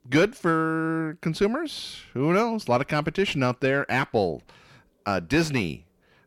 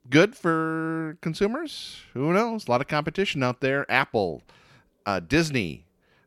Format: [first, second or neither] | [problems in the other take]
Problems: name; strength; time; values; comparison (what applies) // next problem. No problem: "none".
second | distortion; slight; 10 dB below the speech